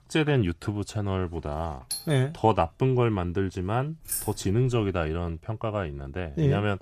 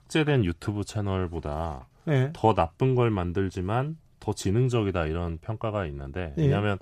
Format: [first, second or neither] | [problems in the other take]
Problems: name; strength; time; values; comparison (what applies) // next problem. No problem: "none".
second | doorbell; noticeable; at 2 s; peak 6 dB below the speech // jangling keys; noticeable; at 4 s; peak 4 dB below the speech